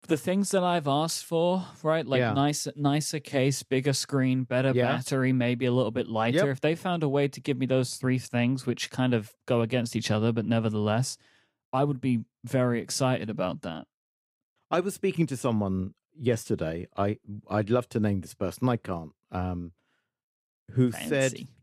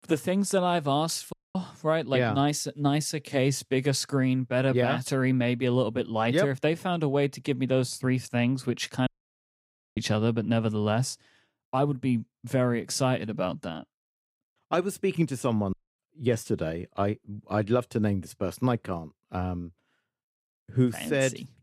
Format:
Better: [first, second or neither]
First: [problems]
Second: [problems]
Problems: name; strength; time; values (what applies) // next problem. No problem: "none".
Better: first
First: none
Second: audio cutting out; at 1.5 s, at 9 s for 1 s and at 16 s